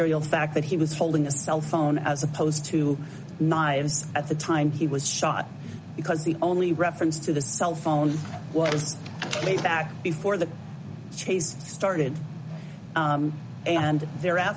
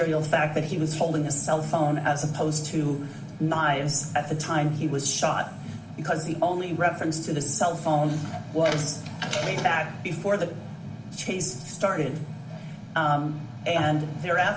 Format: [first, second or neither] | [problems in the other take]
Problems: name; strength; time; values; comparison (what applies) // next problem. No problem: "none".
first | room echo; dies away in 0.8 s